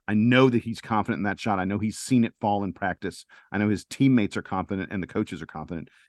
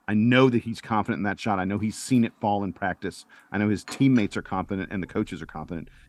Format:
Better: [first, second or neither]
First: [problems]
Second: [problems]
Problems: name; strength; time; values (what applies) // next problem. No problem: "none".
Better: first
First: none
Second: animal sounds; faint; throughout; 25 dB below the speech